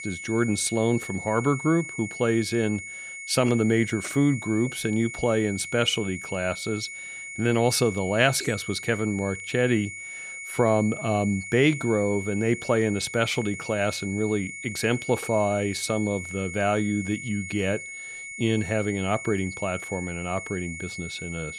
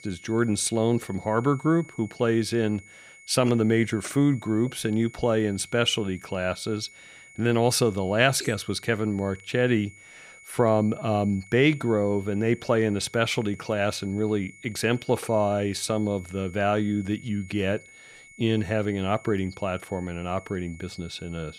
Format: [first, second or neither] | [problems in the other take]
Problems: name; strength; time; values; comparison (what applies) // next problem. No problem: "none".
second | high-pitched whine; loud; throughout; 2 kHz, 9 dB below the speech; faint in the second